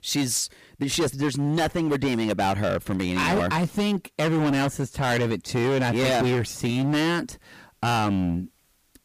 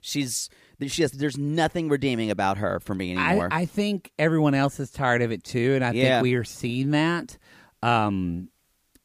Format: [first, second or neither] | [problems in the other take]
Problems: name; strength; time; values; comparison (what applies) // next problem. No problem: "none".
second | distortion; heavy; 20% of the sound clipped